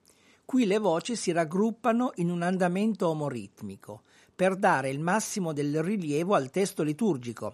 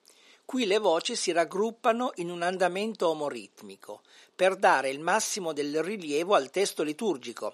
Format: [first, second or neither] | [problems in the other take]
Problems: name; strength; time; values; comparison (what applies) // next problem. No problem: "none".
first | thin; somewhat; fading below 400 Hz